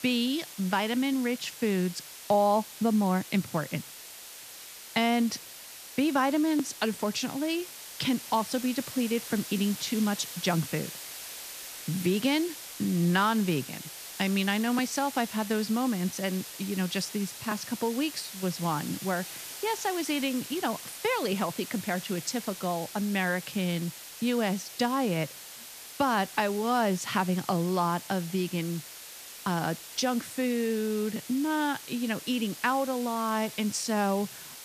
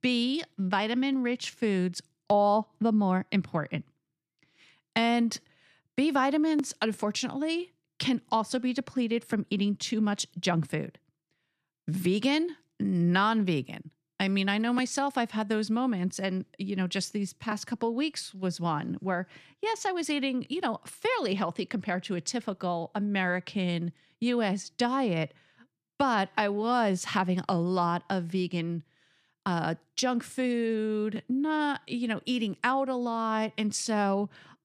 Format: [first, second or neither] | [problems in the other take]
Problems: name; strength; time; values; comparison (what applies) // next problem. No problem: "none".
second | hiss; noticeable; throughout; 10 dB below the speech